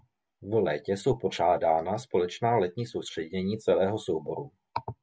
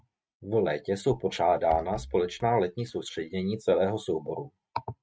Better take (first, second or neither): first